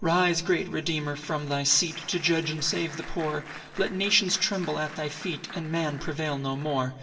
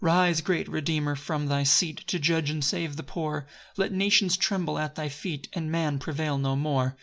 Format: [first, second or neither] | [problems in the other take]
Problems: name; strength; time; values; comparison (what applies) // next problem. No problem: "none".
second | background sound (Applause); 17 dB below the speech // room echo; dies away in 1.7 s